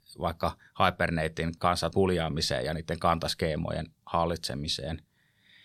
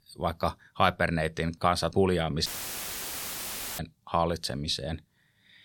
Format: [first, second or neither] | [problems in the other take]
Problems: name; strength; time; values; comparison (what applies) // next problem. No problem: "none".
first | audio cutting out; filled with static; at 2.5 s for 1.5 s